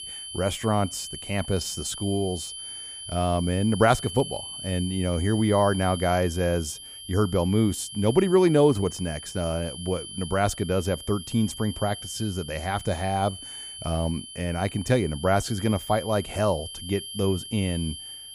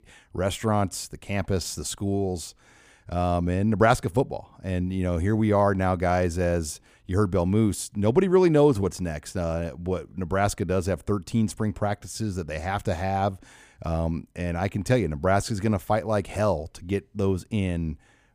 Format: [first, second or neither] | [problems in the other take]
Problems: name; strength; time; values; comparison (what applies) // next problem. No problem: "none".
second | high-pitched whine; noticeable; throughout; 3 kHz, 10 dB below the speech